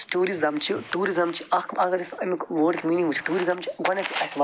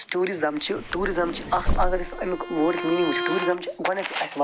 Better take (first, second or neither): first